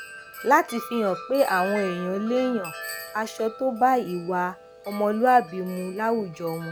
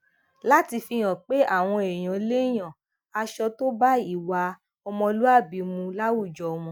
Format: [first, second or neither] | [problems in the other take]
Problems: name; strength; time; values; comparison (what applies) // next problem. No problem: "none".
second | background sound (Wind chime); 14 dB below the speech